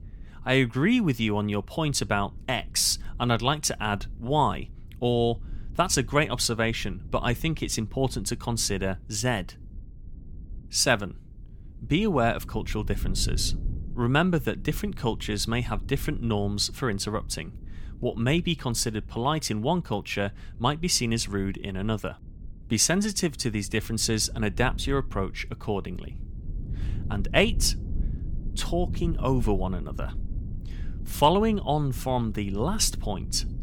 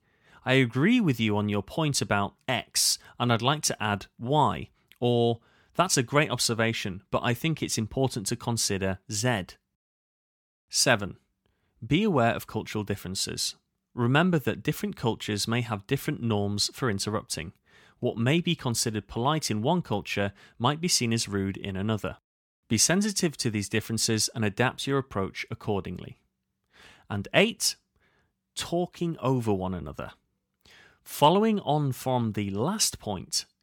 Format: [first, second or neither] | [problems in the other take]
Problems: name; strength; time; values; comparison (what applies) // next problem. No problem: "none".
second | low rumble; faint; throughout; 25 dB below the speech